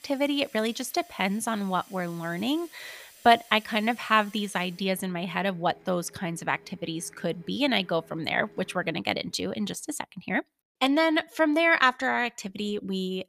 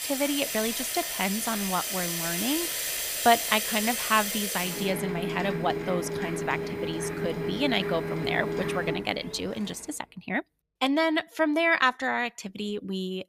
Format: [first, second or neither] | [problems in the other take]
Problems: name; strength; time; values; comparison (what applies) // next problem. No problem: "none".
first | household noises; loud; until 9.5 s; 2 dB below the speech; faint in the first